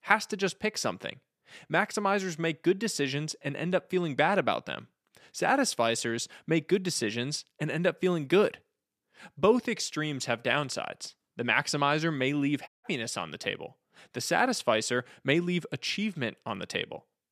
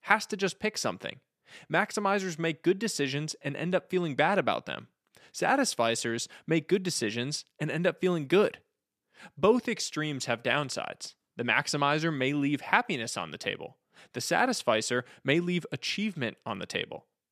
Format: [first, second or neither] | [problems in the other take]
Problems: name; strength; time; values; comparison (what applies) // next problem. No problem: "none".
second | audio cutting out; at 13 s